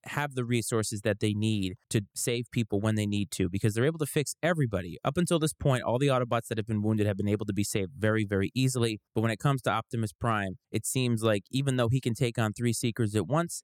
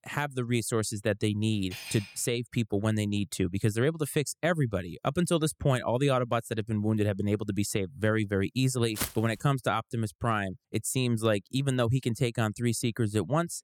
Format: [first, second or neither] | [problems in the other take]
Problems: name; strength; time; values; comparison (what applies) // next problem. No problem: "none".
first | clattering dishes; faint; at 1.5 s; peak 10 dB below the speech // footsteps; noticeable; at 9 s; peak 5 dB below the speech